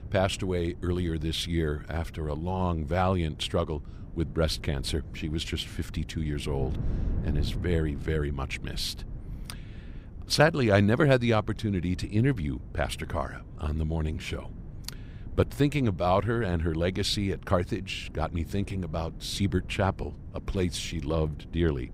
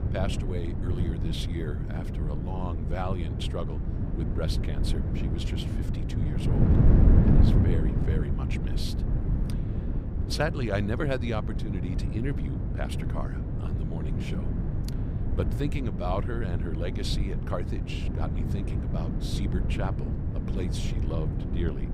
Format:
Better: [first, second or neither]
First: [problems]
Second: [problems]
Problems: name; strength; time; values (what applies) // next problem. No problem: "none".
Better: first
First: wind noise on the microphone; occasional gusts; 20 dB below the speech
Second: wind noise on the microphone; heavy; 2 dB below the speech